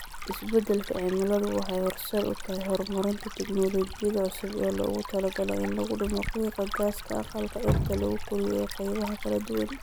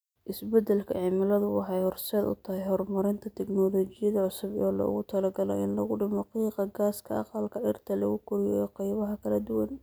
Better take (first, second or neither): second